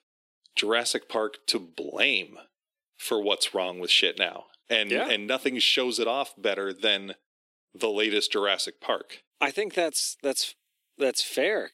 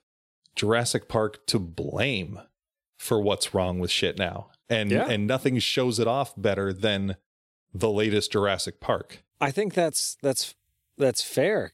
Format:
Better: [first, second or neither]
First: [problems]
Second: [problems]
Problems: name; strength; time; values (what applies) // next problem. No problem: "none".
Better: second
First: thin; somewhat; fading below 300 Hz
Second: none